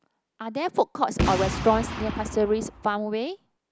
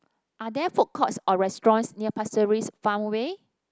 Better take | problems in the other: second | background sound (Boom); 4 dB below the speech

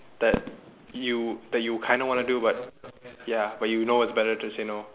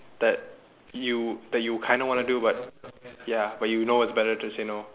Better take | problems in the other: second | background sound (Fireworks); 12 dB below the speech

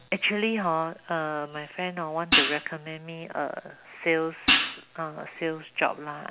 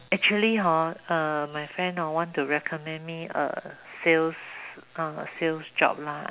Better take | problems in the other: second | background sound (Hi-hat); 4 dB above the speech

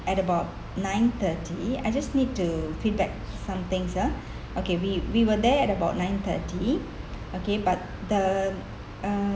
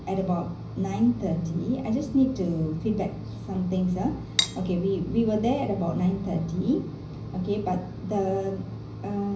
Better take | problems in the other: first | background sound (Cutlery, silverware); 3 dB below the speech // room echo; dies away in 0.5 s

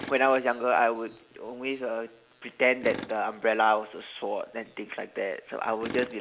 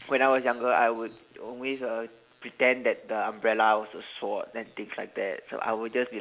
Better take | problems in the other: second | background sound (Tools); 17 dB below the speech

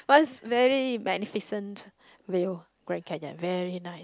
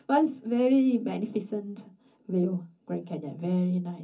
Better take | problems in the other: first | room echo; dies away in 0.3 s

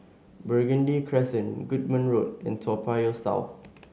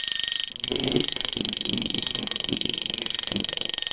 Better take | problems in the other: first | noise reduction (neural separator model SepFormer WHAMR!)

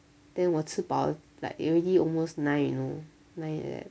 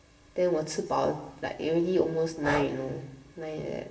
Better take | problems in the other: first | background sound (Breathing); 11 dB below the speech // room echo; dies away in 1 s

